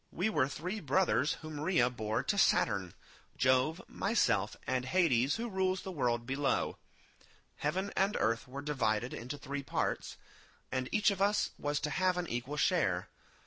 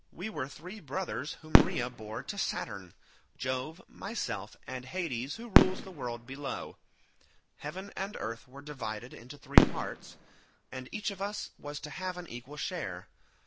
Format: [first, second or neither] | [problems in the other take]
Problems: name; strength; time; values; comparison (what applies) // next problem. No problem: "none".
first | background sound (Fireworks); 5 dB above the speech